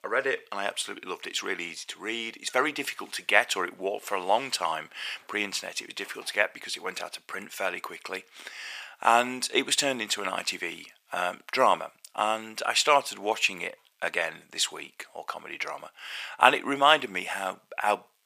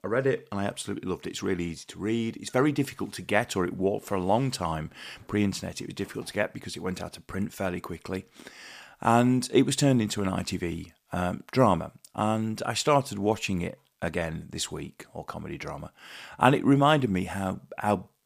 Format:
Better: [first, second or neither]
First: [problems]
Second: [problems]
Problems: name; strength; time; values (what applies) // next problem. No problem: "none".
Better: second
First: thin; very; fading below 600 Hz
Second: none